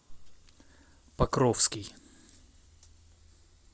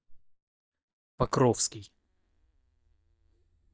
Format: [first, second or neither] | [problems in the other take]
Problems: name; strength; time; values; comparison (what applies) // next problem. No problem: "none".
first | noise reduction (neural mask model DeepFilterNet 3)